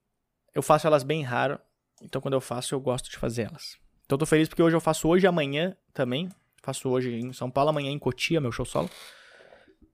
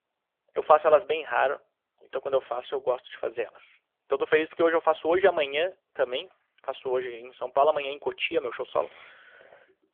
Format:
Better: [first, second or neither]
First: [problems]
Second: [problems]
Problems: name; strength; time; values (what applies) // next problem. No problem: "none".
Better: first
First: none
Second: phone-call audio; poor line; nothing above 3.5 kHz